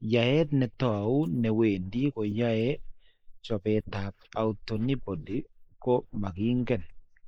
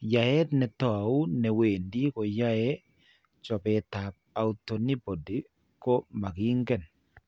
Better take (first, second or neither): second